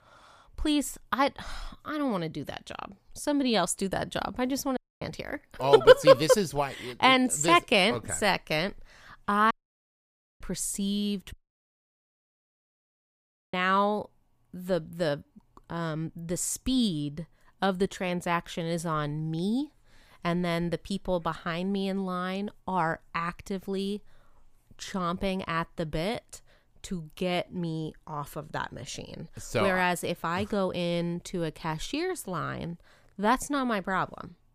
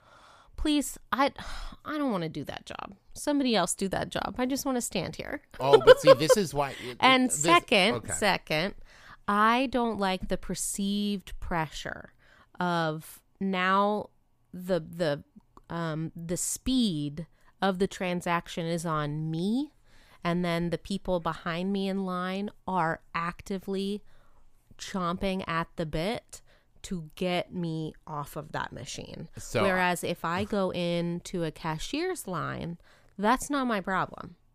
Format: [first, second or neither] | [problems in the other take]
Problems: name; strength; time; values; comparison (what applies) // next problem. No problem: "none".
second | audio cutting out; at 5 s, at 9.5 s for 1 s and at 11 s for 2 s